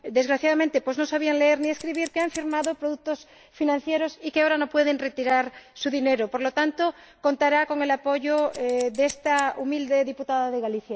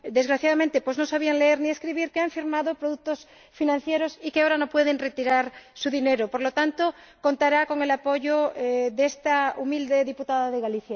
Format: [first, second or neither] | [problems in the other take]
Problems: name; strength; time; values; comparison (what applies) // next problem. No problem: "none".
second | background sound (Scissors); 19 dB below the speech